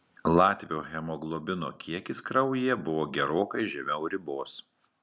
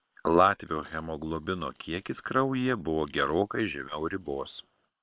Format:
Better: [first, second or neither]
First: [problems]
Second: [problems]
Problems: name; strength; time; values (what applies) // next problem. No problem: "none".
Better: first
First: none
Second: noise reduction (neural separator model SepFormer WHAM!)